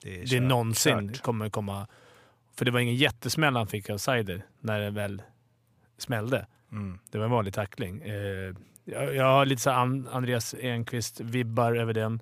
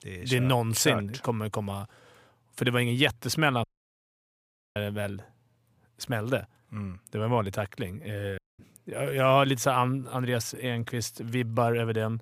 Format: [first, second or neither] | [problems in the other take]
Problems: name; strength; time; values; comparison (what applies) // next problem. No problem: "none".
first | audio cutting out; at 3.5 s for 1 s and at 8.5 s